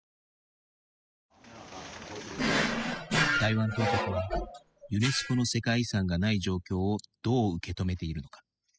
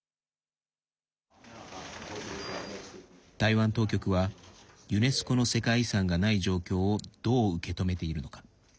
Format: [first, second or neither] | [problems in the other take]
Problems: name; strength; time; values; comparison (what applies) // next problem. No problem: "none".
second | noise reduction (classical method spectral subtraction)